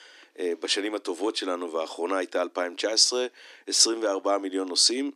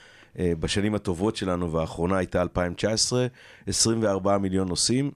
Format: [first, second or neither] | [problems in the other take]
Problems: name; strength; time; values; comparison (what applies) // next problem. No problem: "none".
second | thin; somewhat; fading below 250 Hz